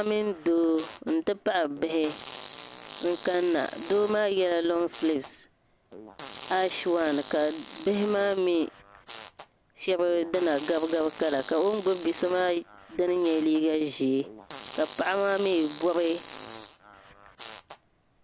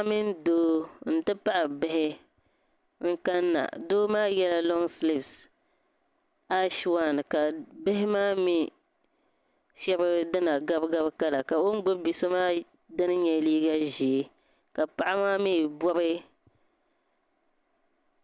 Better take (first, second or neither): second